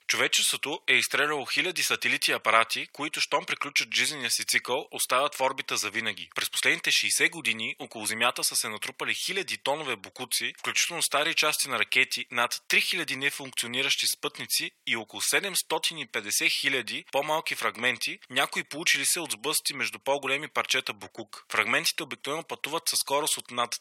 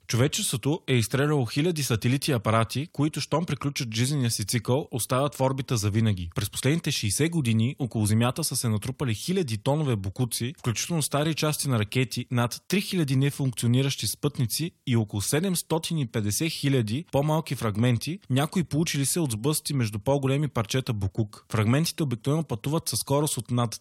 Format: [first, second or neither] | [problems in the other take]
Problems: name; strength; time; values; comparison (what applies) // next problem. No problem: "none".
second | thin; very; fading below 600 Hz